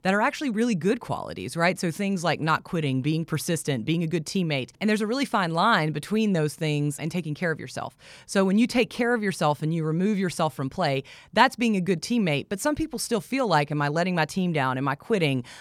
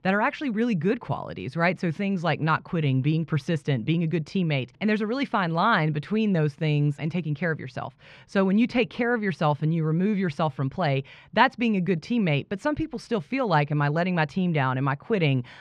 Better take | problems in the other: first | muffled; slightly; fading above 3 kHz

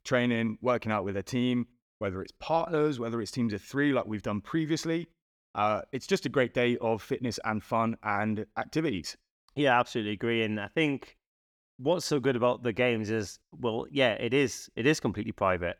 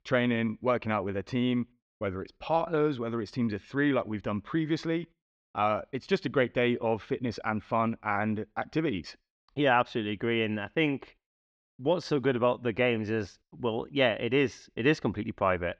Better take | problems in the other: first | muffled; very slightly; fading above 4 kHz

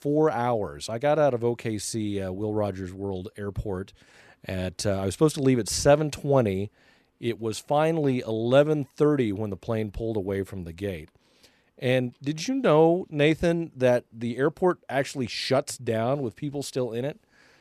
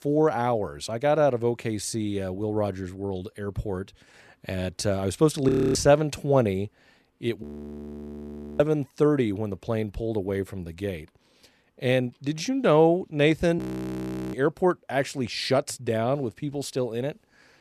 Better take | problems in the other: first | audio freezing; at 5.5 s, at 7.5 s for 1 s and at 14 s for 0.5 s

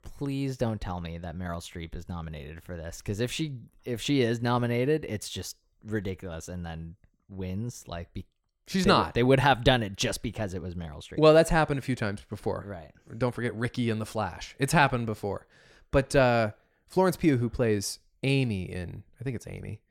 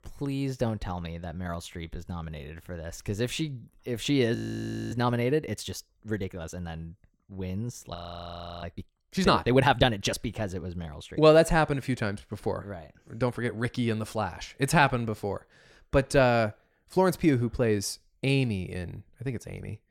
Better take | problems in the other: first | audio freezing; at 4.5 s for 0.5 s and at 8 s for 0.5 s

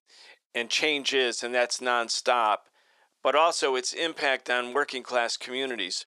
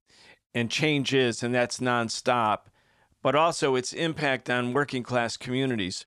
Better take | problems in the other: second | thin; somewhat; fading below 400 Hz

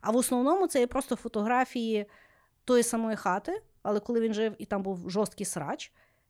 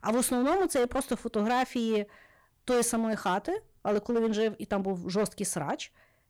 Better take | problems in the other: first | distortion; slight; 9% of the sound clipped

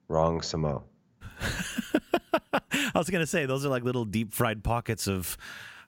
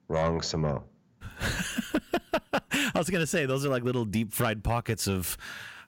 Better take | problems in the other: first | distortion; slight; 10 dB below the speech

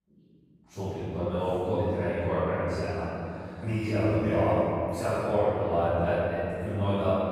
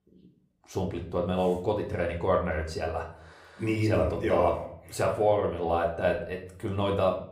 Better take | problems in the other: second | room echo; strong; dies away in 3 s; slight in the second // off-mic speech; far; somewhat distant in the second

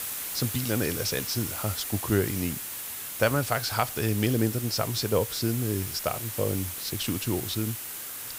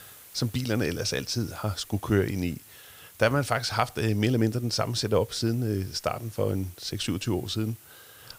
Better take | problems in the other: second | hiss; loud; throughout; 4 dB below the speech; faint in the second

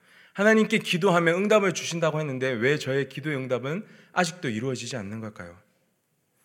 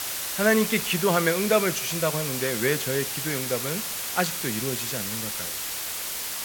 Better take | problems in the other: first | hiss; loud; throughout; 2 dB below the speech

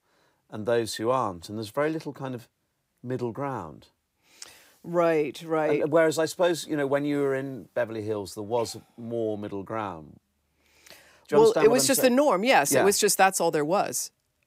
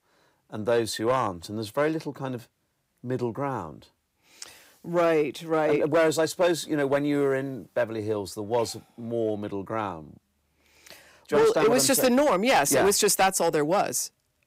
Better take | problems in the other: first | distortion; slight; 4% of the sound clipped

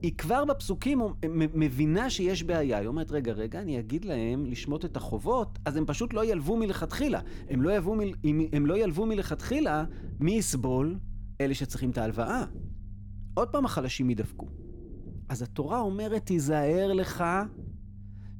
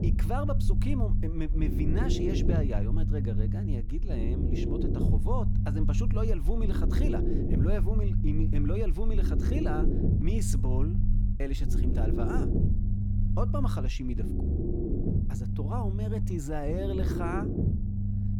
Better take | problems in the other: first | low rumble; loud; throughout; 2 dB below the speech; faint in the first

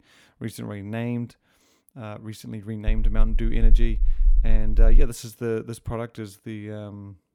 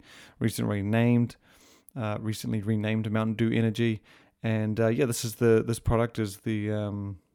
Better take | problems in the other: second | low rumble; noticeable; from 3 to 5 s; 20 dB below the speech

